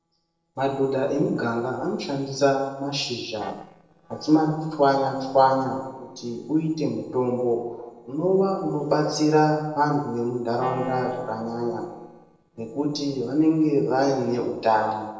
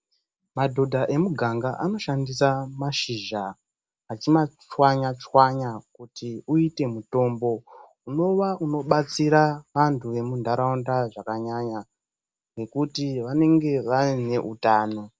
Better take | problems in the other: second | noise reduction (neural separator model SepFormer DNS4)

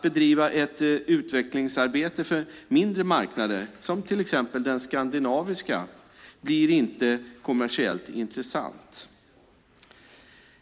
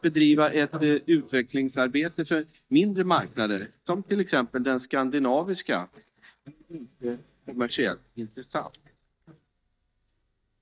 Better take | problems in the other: first | noise reduction (neural mask model DeepFilterNet 3)

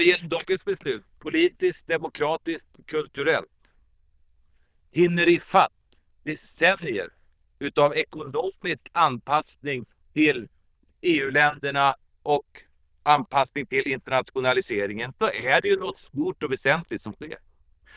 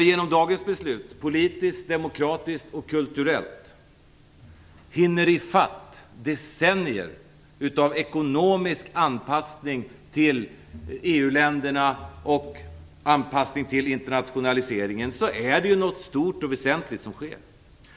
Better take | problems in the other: second | noise reduction (neural diffusion model UNIVERSE++)

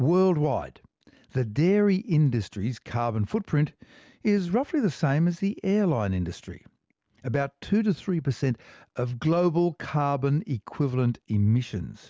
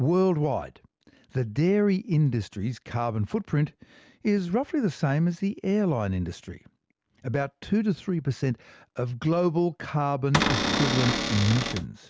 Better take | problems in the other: first | background sound (Cupboard open or close / Door); as loud as the speech

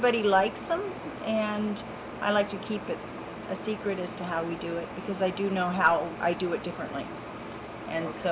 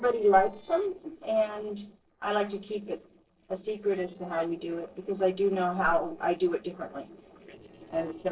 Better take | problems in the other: first | noise reduction (neural separator model SepFormer DNS4)

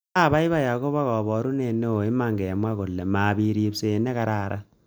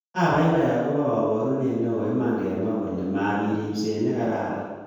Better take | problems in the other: first | room echo; dies away in 1.2 s

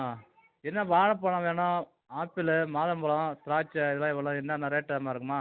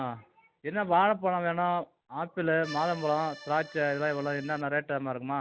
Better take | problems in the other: first | background sound (Accordion); 16 dB below the speech

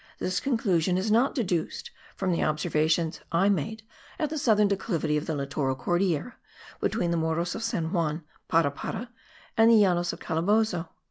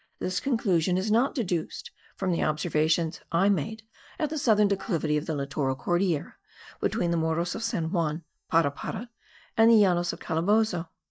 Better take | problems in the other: first | noise reduction (neural mask model DeepFilterNet 3)

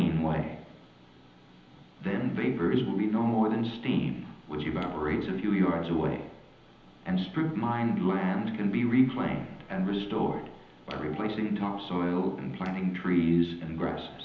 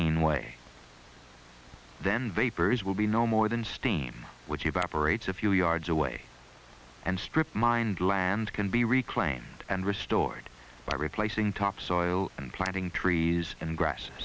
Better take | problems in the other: second | background sound (Wind instrument, woodwind instrument); 20 dB below the speech // room echo; dies away in 0.9 s

